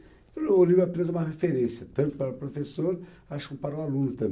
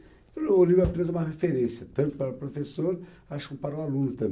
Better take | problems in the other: first | background sound (Bass drum); 14 dB below the speech

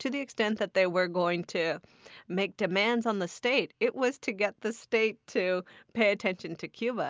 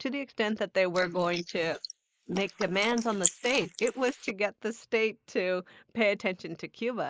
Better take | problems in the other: first | noise reduction (neural mask model Resemble Enhance denoiser)

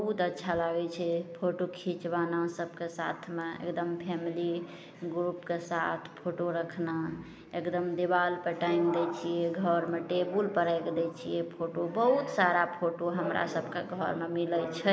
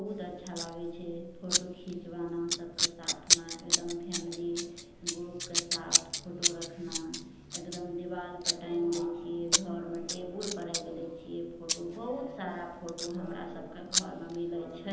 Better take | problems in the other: first | background sound (Scissors); 3 dB above the speech // room echo; dies away in 0.9 s

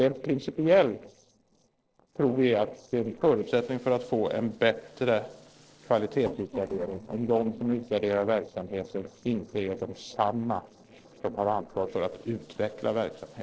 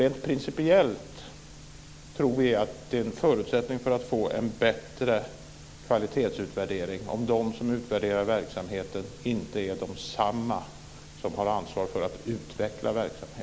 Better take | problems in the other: second | noise reduction (neural separator model SepFormer DNS4)

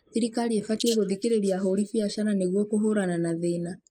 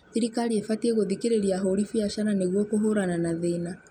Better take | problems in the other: second | noise reduction (neural mask model Resemble Enhance denoiser)

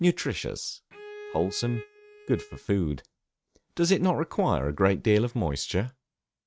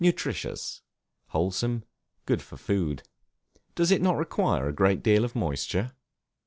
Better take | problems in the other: second | noise reduction (neural mask model RNNoise)

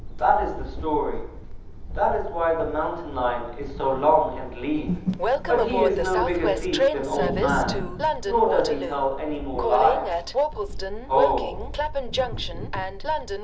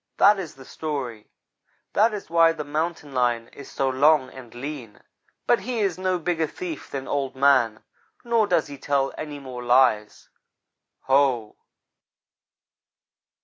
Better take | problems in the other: second | background sound (Train); 2 dB below the speech // room echo; dies away in 1.3 s

